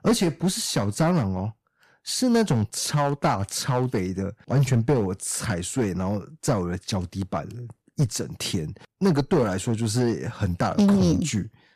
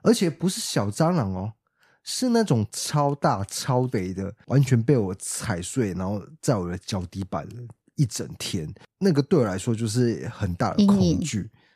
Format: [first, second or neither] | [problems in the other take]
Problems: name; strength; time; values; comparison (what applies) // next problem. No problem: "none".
second | distortion; slight; 5% of the sound clipped